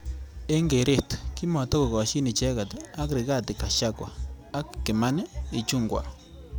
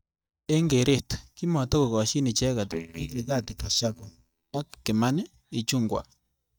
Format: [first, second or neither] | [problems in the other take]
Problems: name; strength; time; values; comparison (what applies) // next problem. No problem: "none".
first | noise reduction (neural mask model DeepFilterNet 3)